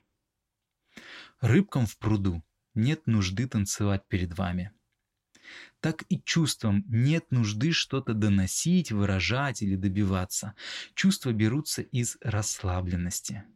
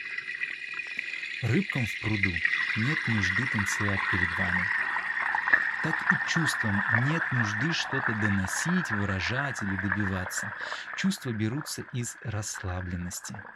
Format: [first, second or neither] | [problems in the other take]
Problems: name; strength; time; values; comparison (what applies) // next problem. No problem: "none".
first | household noises; very loud; throughout; 4 dB above the speech